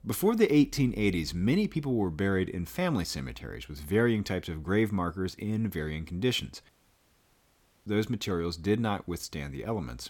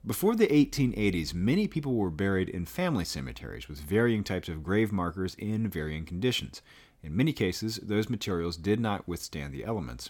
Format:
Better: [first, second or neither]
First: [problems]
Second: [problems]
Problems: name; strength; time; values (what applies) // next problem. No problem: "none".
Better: second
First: audio cutting out; at 6.5 s for 1 s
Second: none